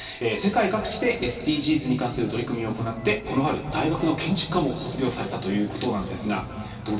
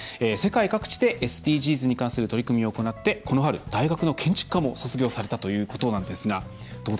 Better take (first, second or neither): second